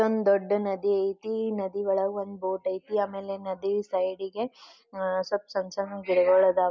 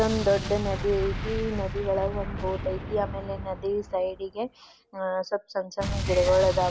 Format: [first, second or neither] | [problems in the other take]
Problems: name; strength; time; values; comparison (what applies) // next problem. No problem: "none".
first | background sound (Explosion); 6 dB below the speech